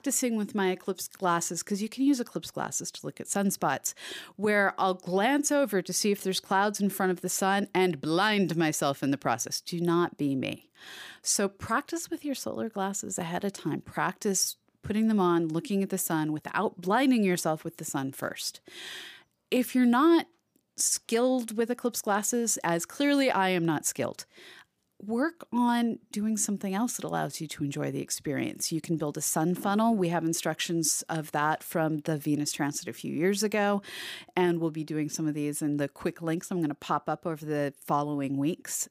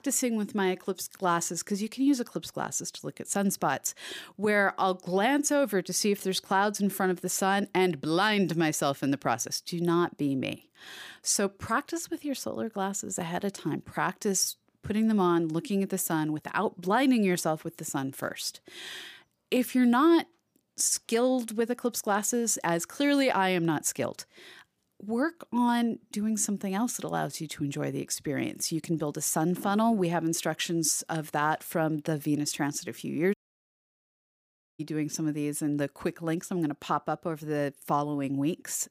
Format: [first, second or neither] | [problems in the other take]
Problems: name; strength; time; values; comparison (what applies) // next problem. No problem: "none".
first | audio cutting out; at 33 s for 1.5 s